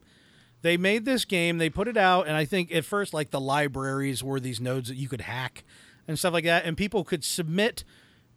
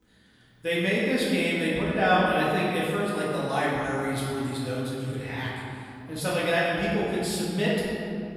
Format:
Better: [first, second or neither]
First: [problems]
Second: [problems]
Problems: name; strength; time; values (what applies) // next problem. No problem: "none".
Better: first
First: none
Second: room echo; strong; dies away in 2.4 s // off-mic speech; far